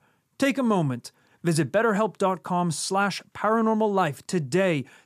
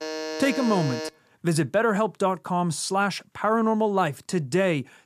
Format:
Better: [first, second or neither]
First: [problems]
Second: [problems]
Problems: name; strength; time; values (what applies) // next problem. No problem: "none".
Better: first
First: none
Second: alarm; noticeable; until 1 s; peak 6 dB below the speech